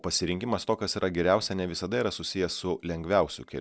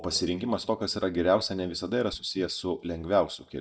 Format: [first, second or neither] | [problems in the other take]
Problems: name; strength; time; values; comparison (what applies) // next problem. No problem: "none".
first | noise reduction (neural mask model DeepFilterNet 3)